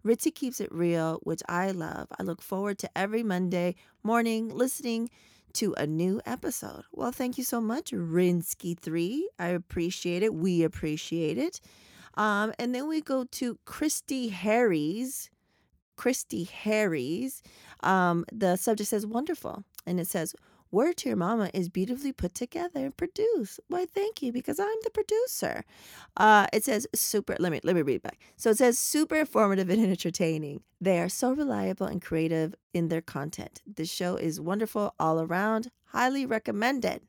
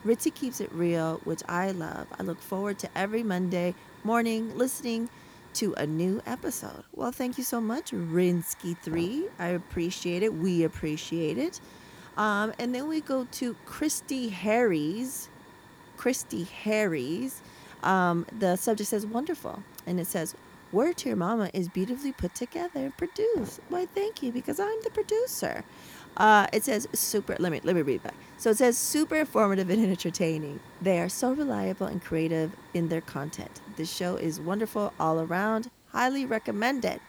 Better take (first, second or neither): first